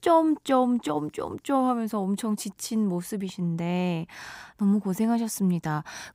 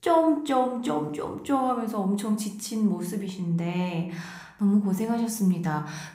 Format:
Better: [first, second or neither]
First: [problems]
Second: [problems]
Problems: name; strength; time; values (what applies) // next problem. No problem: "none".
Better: first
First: none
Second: room echo; slight; dies away in 0.5 s